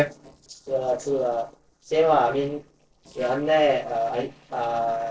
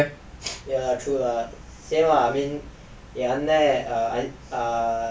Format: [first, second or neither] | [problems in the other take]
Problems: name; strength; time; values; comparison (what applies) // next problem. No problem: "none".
second | noise reduction (neural separator model SepFormer DNS4)